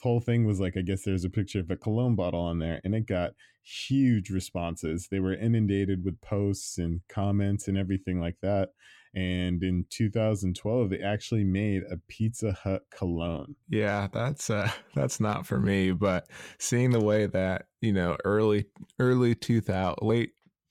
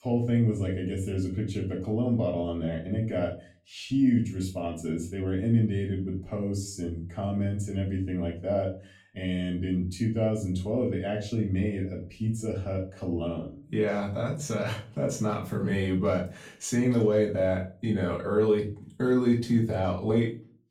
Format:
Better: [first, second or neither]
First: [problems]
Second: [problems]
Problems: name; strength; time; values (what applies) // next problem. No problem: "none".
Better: first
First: none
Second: room echo; slight; dies away in 0.3 s // off-mic speech; far